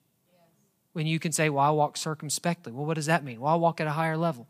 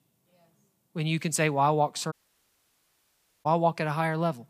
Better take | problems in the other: first | audio cutting out; at 2 s for 1.5 s

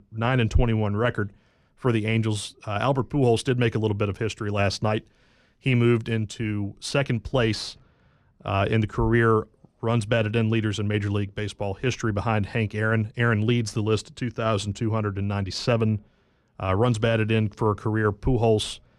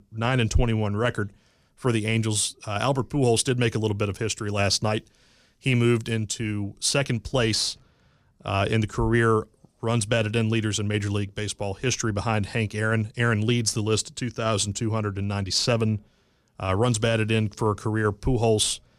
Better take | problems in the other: second | muffled; slightly; fading above 4 kHz

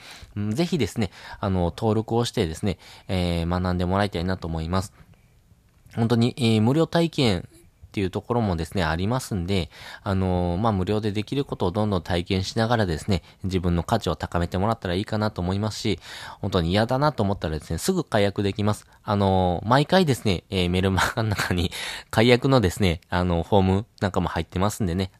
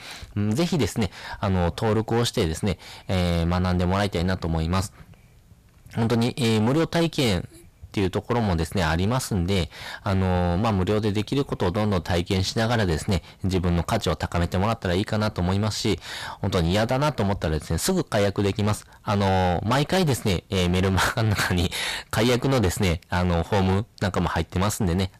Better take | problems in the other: first | distortion; heavy; 19% of the sound clipped

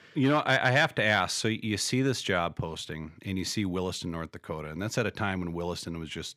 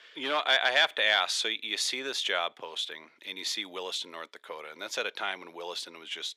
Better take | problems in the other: first | thin; very; fading below 450 Hz

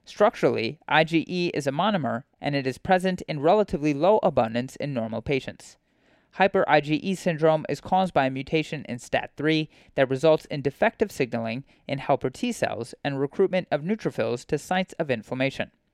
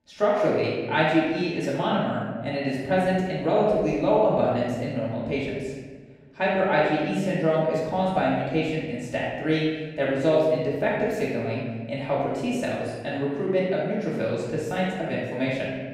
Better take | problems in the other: first | off-mic speech; far // room echo; strong; dies away in 1.4 s

